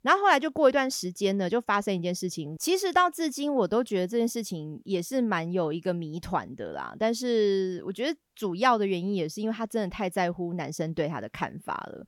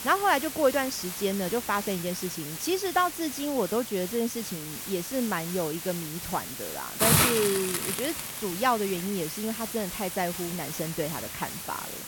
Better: first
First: none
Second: hiss; loud; throughout; 2 dB below the speech

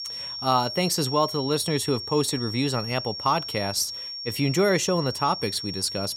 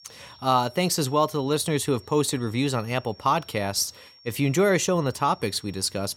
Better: second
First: high-pitched whine; loud; throughout; 5.5 kHz, 6 dB below the speech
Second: high-pitched whine; faint; throughout; 5.5 kHz, 25 dB below the speech

